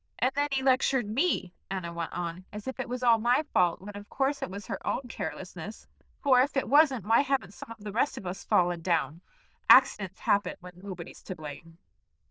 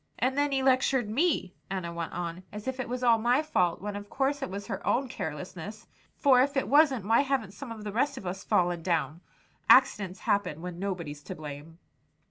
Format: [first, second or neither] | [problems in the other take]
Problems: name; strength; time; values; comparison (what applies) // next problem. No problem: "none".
second | noise reduction (neural diffusion model UNIVERSE++)